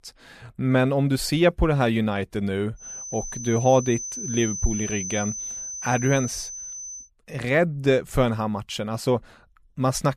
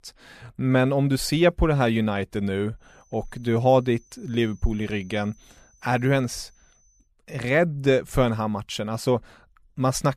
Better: second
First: high-pitched whine; loud; from 3 to 7 s; 6 kHz, 7 dB below the speech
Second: high-pitched whine; faint; from 3 to 7 s; 6 kHz, 35 dB below the speech

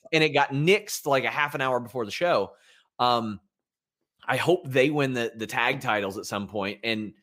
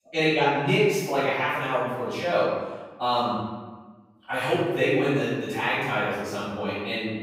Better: first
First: none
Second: off-mic speech; far // room echo; strong; dies away in 1.2 s

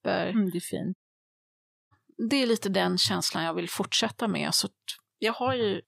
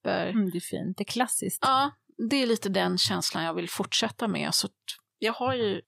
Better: second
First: audio cutting out; at 1 s for 1 s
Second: none

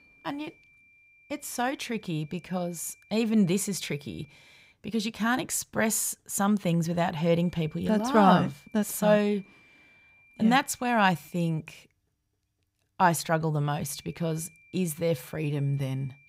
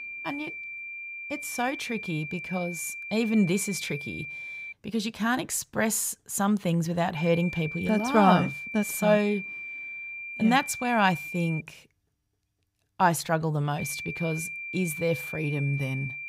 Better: first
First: high-pitched whine; faint; until 4.5 s, from 7 to 12 s and from 14 s on; 2.5 kHz, 30 dB below the speech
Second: high-pitched whine; loud; until 4.5 s, from 7 to 12 s and from 14 s on; 2.5 kHz, 8 dB below the speech

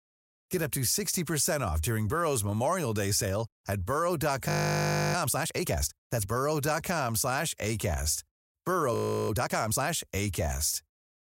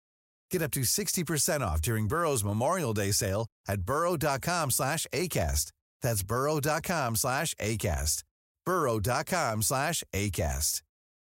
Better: second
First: audio freezing; at 4.5 s for 0.5 s and at 9 s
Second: none

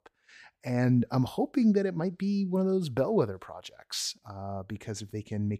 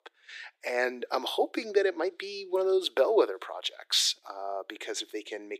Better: first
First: none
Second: thin; very; fading below 350 Hz

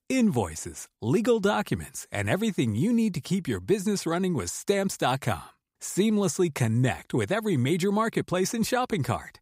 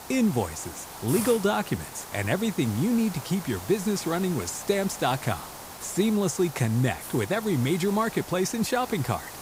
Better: first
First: none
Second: hiss; noticeable; throughout; 10 dB below the speech

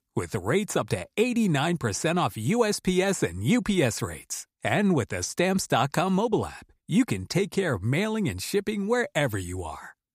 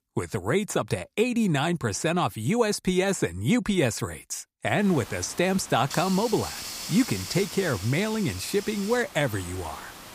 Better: first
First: none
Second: hiss; noticeable; from 5 s on; 10 dB below the speech

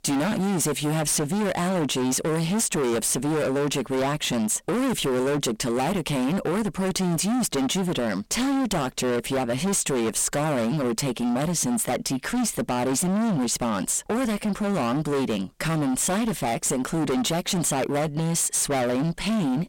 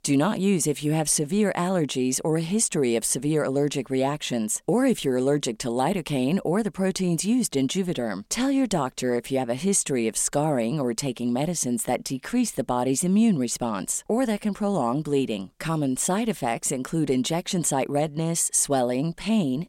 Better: second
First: distortion; heavy; 38% of the sound clipped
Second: none

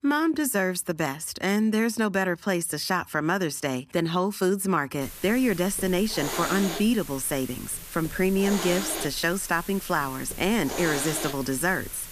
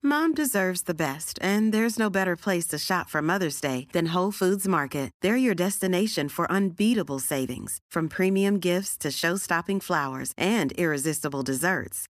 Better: second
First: hiss; loud; from 5 s on; 8 dB below the speech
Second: none

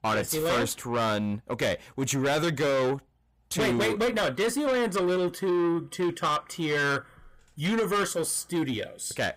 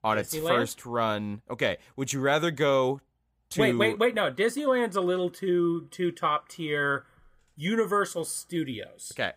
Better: second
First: distortion; heavy; 8 dB below the speech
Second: none

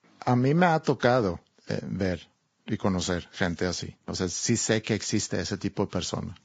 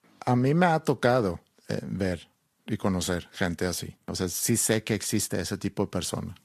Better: second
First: garbled, watery; badly; nothing above 7.5 kHz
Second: garbled, watery; slightly; nothing above 14 kHz

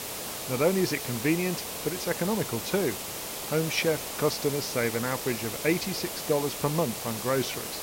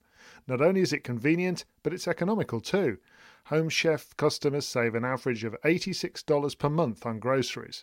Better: second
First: hiss; loud; throughout; 4 dB below the speech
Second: none

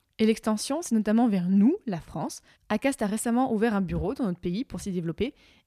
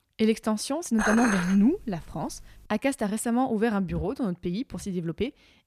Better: first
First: none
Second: clattering dishes; loud; from 1 to 2.5 s; peak level with the speech

